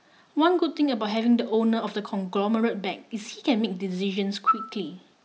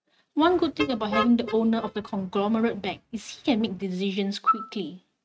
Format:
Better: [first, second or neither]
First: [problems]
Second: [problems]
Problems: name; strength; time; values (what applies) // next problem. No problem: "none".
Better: first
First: none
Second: noise reduction (neural mask model RNNoise)